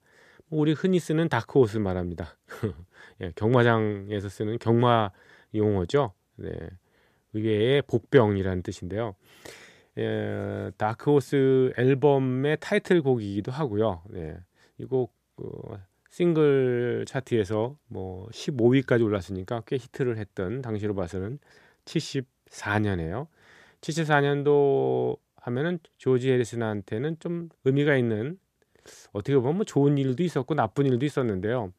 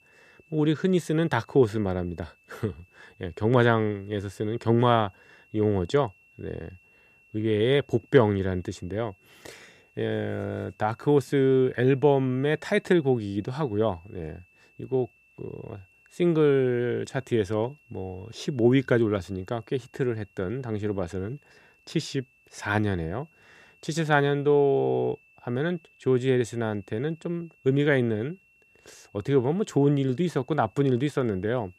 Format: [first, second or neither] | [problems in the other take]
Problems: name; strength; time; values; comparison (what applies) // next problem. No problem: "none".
first | high-pitched whine; faint; throughout; 2.5 kHz, 35 dB below the speech